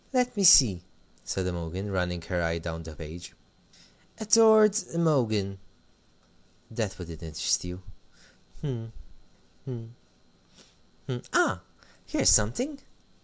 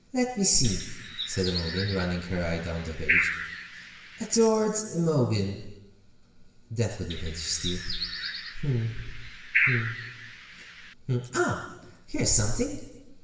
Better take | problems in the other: first | background sound (Bird); 4 dB below the speech // room echo; dies away in 1 s

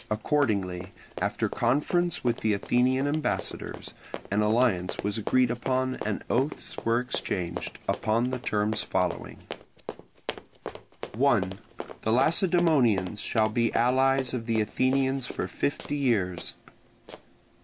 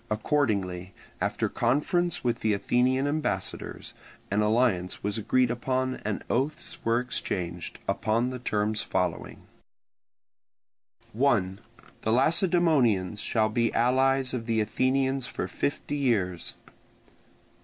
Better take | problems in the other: second | background sound (Run); 13 dB below the speech

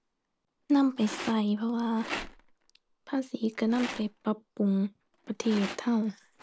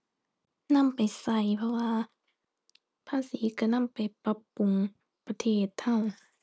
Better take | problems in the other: second | background sound (Rattle); 14 dB below the speech

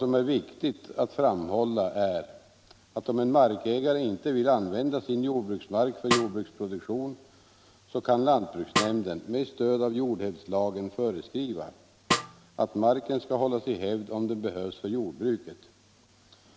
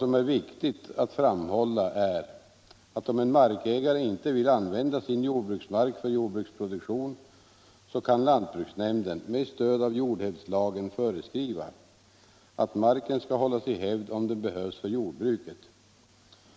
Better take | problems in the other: second | background sound (Snare drum); 5 dB below the speech

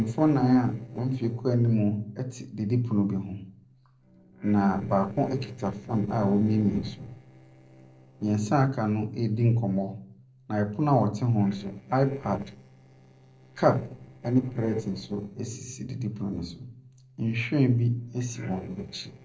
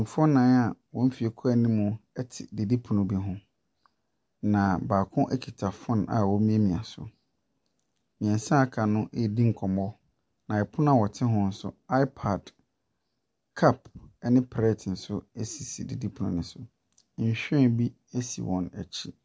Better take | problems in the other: second | noise reduction (neural separator model SepFormer DNS4)

